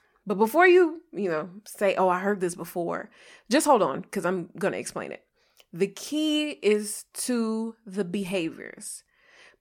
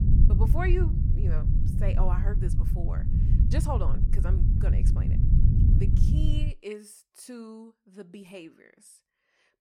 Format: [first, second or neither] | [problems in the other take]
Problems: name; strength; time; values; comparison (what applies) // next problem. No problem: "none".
first | low rumble; loud; until 6.5 s; 1 dB below the speech